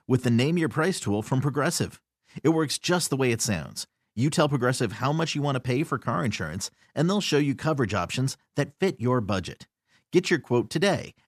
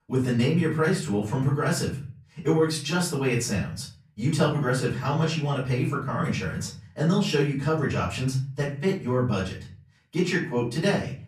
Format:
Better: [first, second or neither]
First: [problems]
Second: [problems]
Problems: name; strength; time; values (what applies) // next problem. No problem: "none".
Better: first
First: none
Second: off-mic speech; far // room echo; slight; dies away in 0.5 s